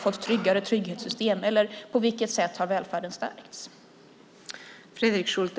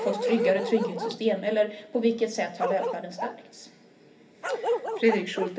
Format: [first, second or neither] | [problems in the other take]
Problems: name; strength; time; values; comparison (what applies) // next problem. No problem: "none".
first | background sound (Bark); 5 dB below the speech // room echo; dies away in 0.3 s